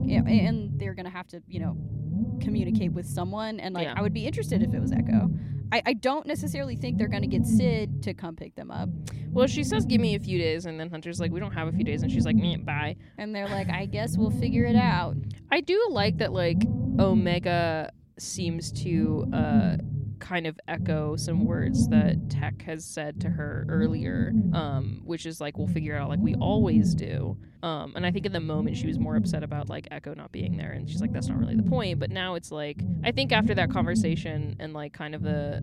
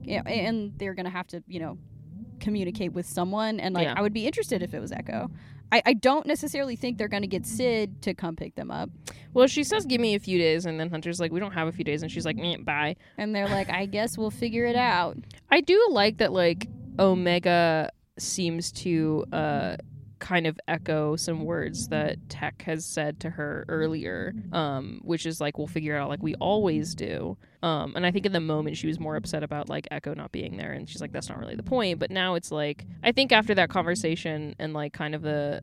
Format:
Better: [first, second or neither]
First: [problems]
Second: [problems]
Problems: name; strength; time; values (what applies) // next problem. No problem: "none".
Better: second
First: low rumble; loud; throughout; 4 dB below the speech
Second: low rumble; faint; throughout; 20 dB below the speech